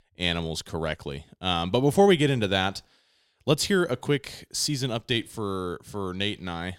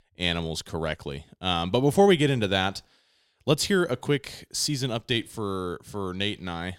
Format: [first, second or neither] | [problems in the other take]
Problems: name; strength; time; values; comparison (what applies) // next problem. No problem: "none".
neither | none